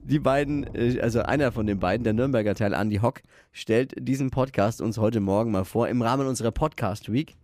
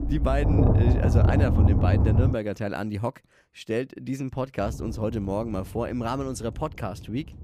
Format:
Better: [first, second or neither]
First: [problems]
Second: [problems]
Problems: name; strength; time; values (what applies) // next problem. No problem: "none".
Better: first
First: low rumble; faint; until 2.5 s and from 4.5 s on; 25 dB below the speech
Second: low rumble; loud; until 2.5 s and from 4.5 s on; as loud as the speech